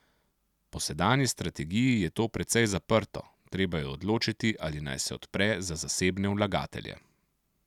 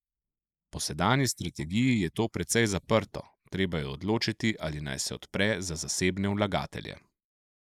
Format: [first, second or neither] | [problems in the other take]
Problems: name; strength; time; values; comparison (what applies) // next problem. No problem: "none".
first | noise reduction (neural mask model Resemble Enhance denoiser)